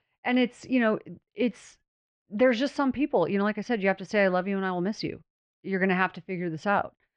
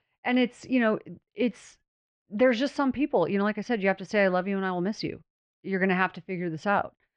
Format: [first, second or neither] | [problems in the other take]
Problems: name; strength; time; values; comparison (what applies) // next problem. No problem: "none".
neither | muffled; very; fading above 3.5 kHz; the same in both